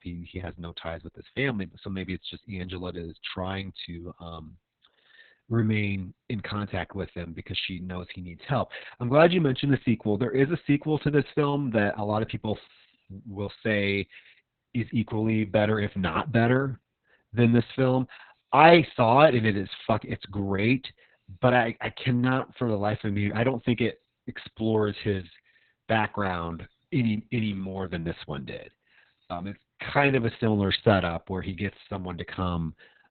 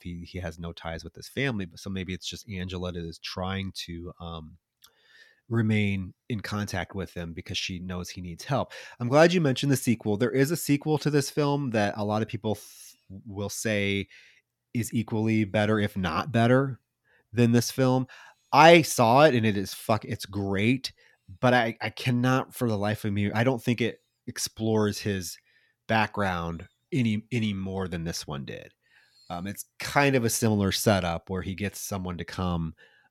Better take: second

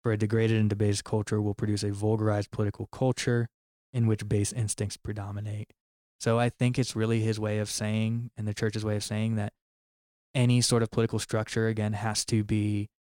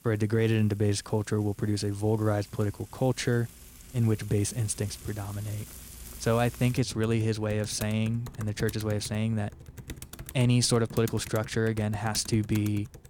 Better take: first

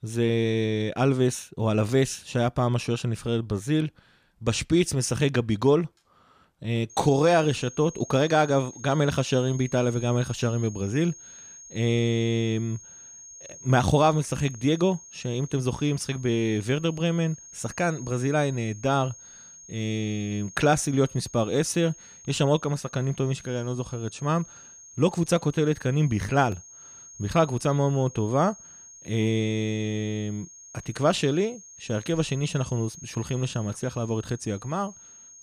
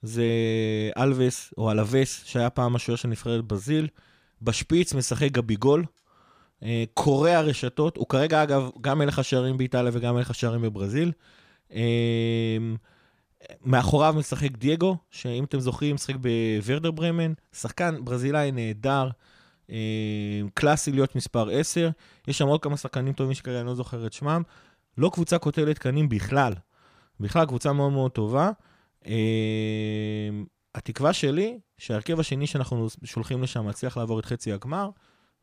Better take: second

